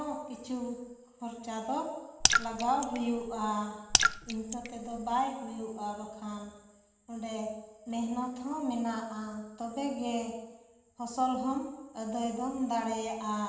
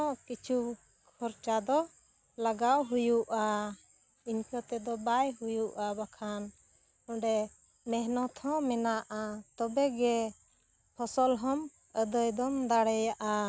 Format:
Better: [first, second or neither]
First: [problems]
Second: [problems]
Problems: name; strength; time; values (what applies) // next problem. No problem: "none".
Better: second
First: background sound (Raindrop / Splash, splatter); 3 dB above the speech // room echo; dies away in 1.1 s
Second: none